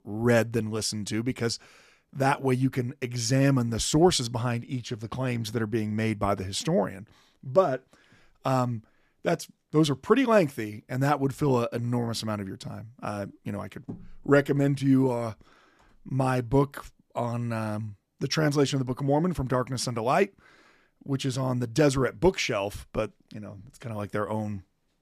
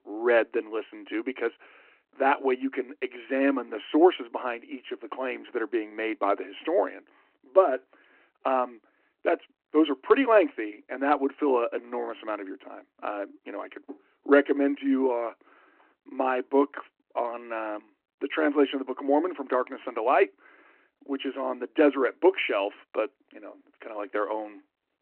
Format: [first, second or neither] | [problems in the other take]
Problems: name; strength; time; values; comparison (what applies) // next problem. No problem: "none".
first | phone-call audio